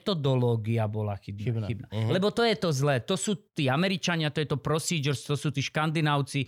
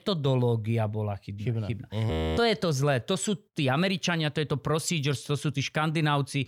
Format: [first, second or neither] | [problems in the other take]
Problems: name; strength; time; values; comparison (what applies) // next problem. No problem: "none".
first | audio freezing; at 2 s